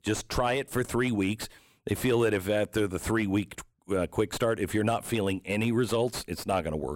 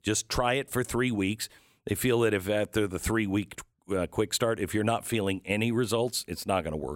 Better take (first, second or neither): second